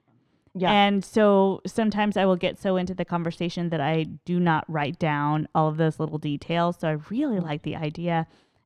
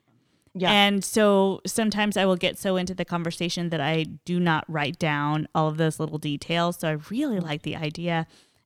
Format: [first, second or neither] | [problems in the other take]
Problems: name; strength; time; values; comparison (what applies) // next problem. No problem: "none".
second | muffled; slightly; fading above 1.5 kHz